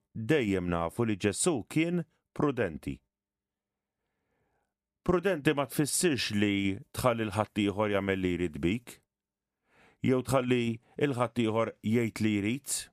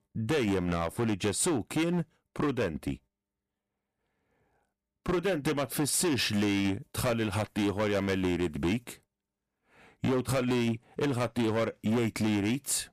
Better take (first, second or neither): first